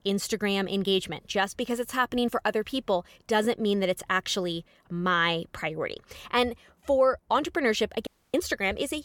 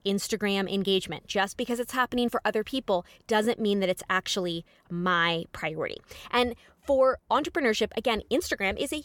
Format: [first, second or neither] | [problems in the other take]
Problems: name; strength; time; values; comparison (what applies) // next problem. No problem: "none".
second | audio cutting out; at 8 s